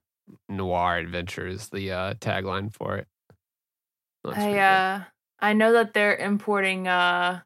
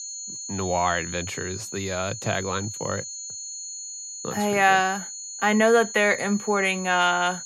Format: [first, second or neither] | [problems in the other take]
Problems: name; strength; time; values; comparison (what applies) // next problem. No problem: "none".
first | high-pitched whine; loud; throughout; 7 kHz, 10 dB below the speech